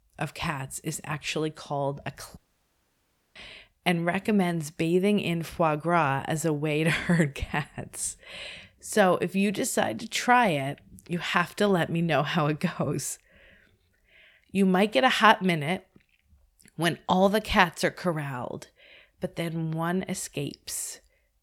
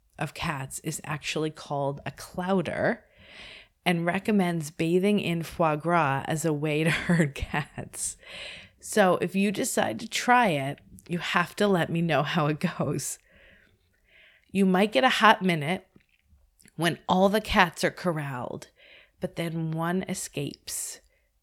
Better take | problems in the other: second | audio cutting out; at 2.5 s for 1 s

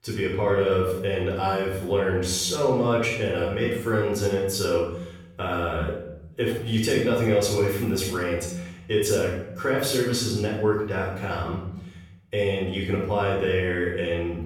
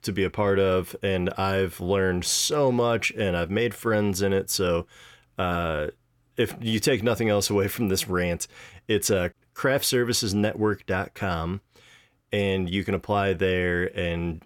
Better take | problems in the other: second | off-mic speech; far // room echo; noticeable; dies away in 0.7 s

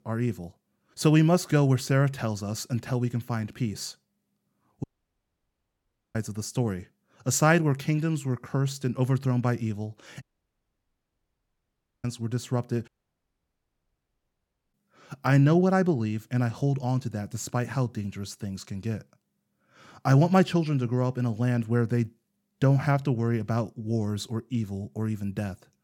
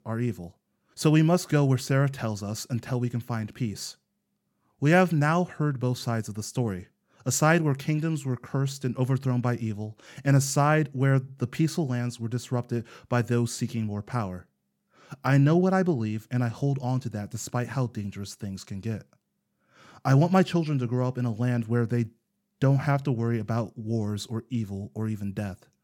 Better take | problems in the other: second | audio cutting out; at 5 s for 1.5 s, at 10 s for 2 s and at 13 s for 2 s

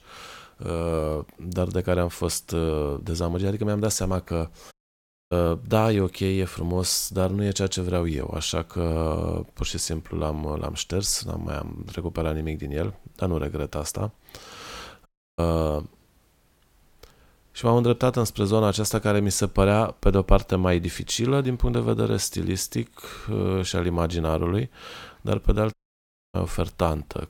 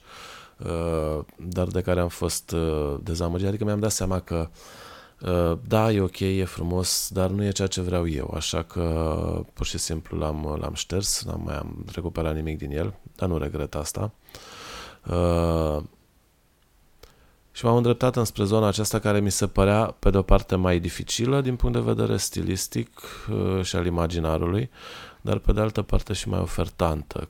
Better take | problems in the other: second | audio cutting out; at 4.5 s for 0.5 s, at 15 s and at 26 s for 0.5 s

